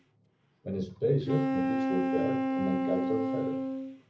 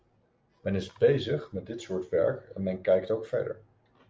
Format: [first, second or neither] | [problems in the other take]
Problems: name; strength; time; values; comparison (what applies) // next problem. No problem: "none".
second | background sound (Wind instrument, woodwind instrument); 2 dB above the speech // room echo; dies away in 0.4 s